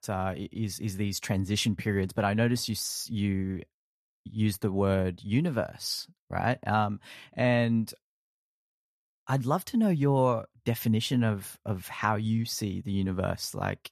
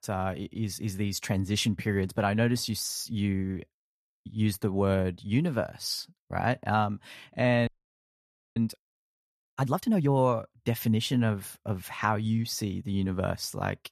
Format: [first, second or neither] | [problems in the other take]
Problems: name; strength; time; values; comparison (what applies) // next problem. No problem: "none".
first | audio freezing; at 7.5 s for 1 s